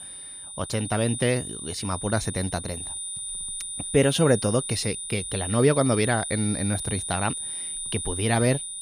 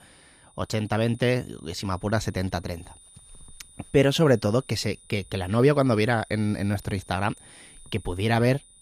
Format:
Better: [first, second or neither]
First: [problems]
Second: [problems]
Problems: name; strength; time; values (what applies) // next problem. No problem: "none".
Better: second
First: high-pitched whine; loud; throughout; 9.5 kHz, 5 dB below the speech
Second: high-pitched whine; faint; throughout; 9.5 kHz, 25 dB below the speech